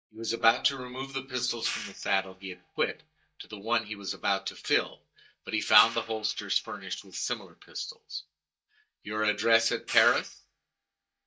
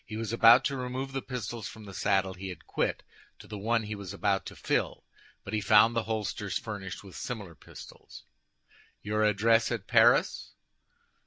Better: second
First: noise reduction (neural mask model DeepFilterNet 3)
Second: none

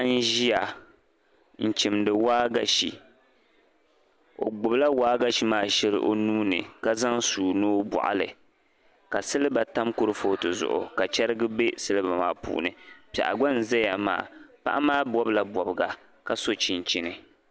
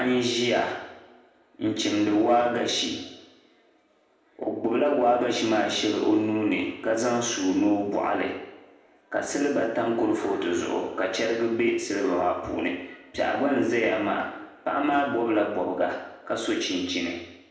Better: first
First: none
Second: room echo; dies away in 0.8 s

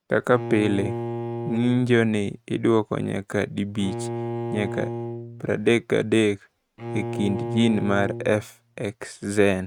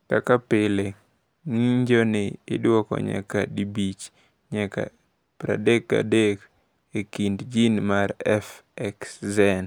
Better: second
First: noise reduction (neural mask model RNNoise)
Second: none

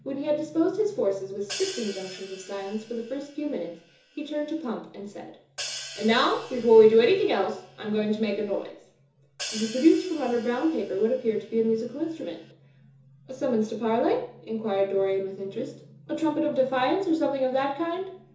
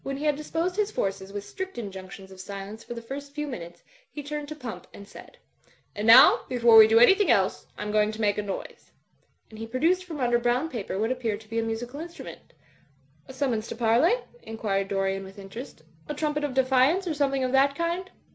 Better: second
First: background sound (Hi-hat); 16 dB below the speech // room echo; dies away in 0.7 s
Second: none

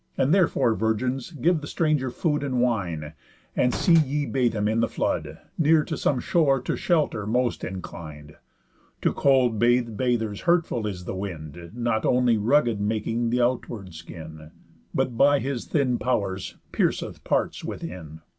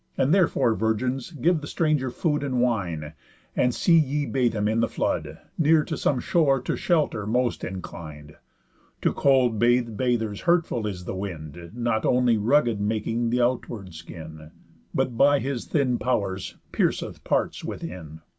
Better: second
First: background sound (Slam); 9 dB below the speech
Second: none

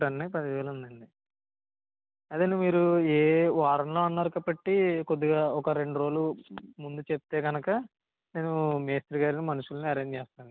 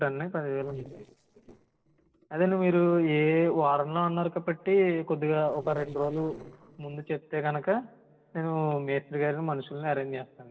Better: first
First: none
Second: noise reduction (neural separator model SepFormer DNS4)

